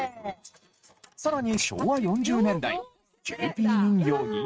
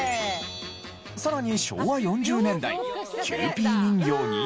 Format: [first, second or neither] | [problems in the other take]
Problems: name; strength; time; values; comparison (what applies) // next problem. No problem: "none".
second | noise reduction (neural mask model RNNoise)